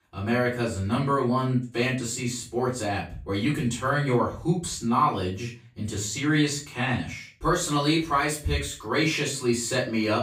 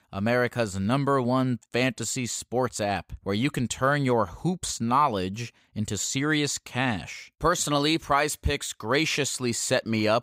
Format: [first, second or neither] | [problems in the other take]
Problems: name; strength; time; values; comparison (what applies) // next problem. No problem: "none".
second | off-mic speech; far // room echo; slight; dies away in 0.3 s